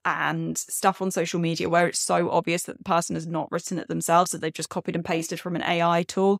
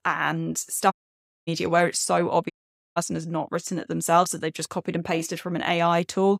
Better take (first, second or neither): first